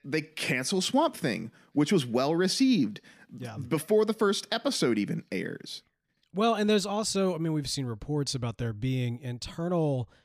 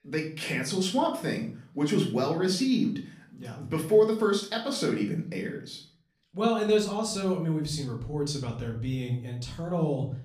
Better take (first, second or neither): first